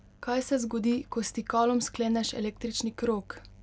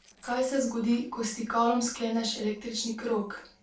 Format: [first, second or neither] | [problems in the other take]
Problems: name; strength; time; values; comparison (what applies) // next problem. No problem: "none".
first | noise reduction (neural separator model SepFormer DNS4)